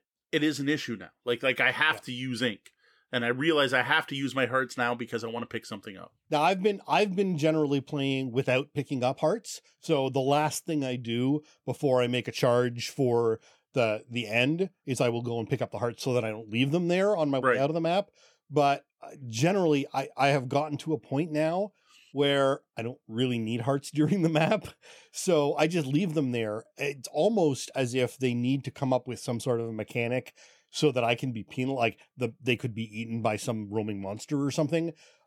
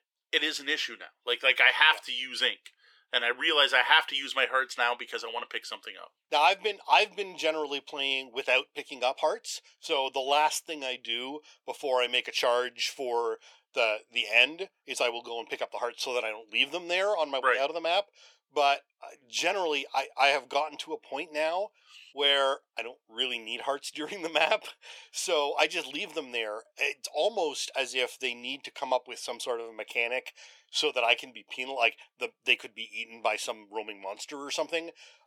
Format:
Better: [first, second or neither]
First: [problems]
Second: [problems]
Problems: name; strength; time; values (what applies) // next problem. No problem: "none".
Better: first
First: none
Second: thin; very; fading below 500 Hz